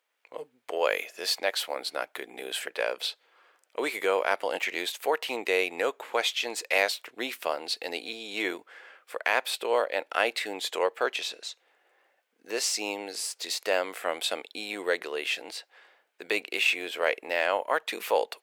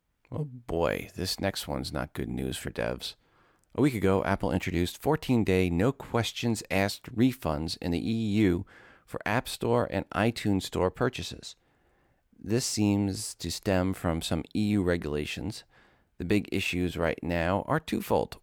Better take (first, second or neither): second